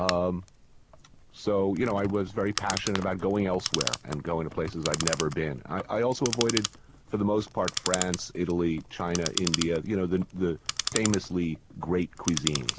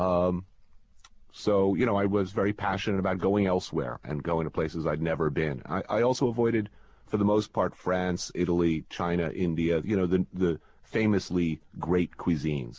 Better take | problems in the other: second | background sound (Clock); 7 dB below the speech

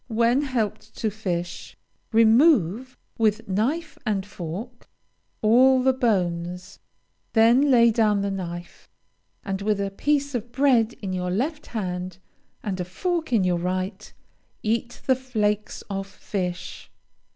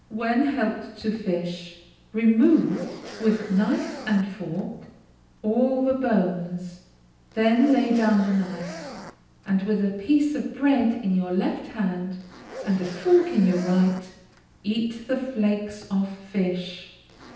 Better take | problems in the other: first | background sound (Zipper (clothing)); 19 dB below the speech // room echo; dies away in 0.9 s

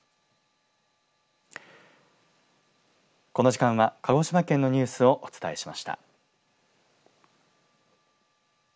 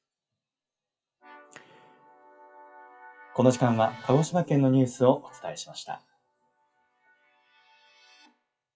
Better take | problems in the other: first | noise reduction (classical method WPE with log-MMSE)

